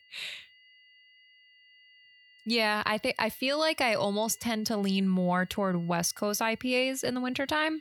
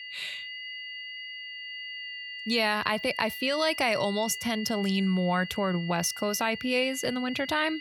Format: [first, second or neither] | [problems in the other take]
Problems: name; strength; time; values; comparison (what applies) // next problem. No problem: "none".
first | high-pitched whine; loud; throughout; 2 kHz, 9 dB below the speech; faint in the first